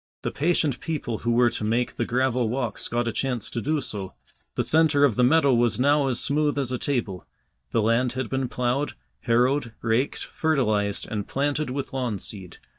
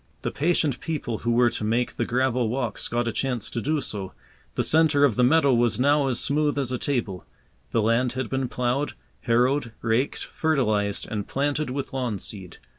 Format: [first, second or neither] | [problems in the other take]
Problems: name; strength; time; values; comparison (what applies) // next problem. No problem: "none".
second | noise reduction (neural mask model DeepFilterNet 3)